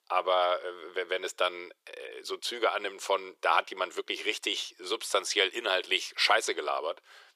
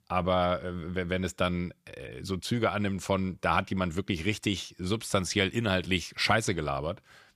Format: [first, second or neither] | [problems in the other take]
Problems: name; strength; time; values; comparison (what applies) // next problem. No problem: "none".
second | thin; very; fading below 400 Hz